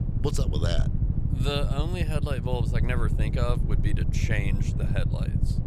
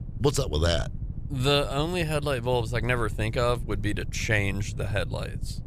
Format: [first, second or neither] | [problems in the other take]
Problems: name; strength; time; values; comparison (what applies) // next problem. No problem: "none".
second | low rumble; loud; throughout; 6 dB below the speech; faint in the second